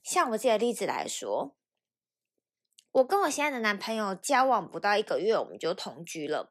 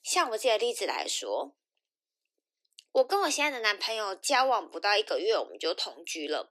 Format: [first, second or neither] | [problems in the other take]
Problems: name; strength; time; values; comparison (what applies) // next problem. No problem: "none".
first | thin; somewhat; fading below 300 Hz